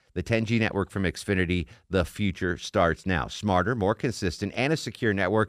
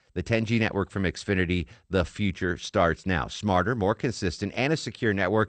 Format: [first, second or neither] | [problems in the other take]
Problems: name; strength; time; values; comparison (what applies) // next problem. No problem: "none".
first | garbled, watery; slightly; nothing above 8.5 kHz